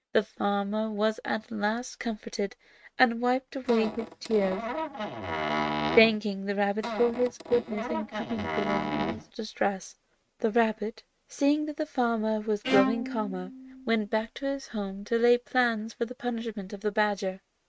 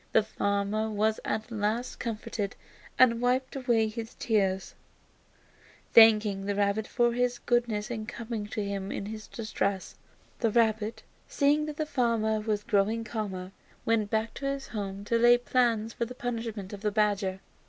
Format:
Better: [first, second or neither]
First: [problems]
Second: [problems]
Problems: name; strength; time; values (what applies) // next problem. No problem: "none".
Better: second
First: noise reduction (neural mask model RNNoise)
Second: none